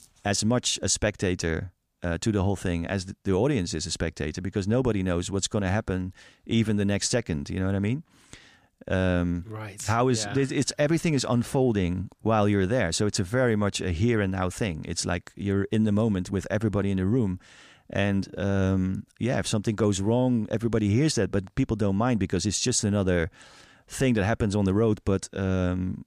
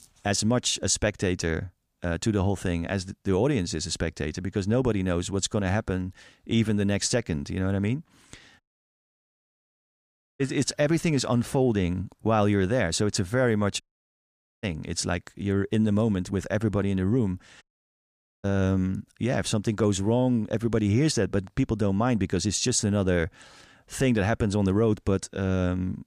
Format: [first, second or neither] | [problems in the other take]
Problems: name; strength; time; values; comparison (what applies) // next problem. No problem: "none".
first | audio cutting out; at 8.5 s for 2 s, at 14 s for 1 s and at 18 s for 1 s